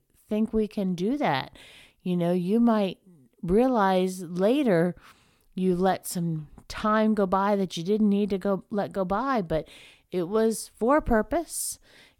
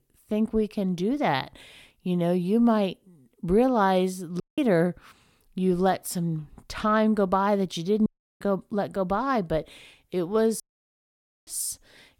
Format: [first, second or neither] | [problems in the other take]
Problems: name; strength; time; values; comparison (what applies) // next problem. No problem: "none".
first | audio cutting out; at 4.5 s, at 8 s and at 11 s for 1 s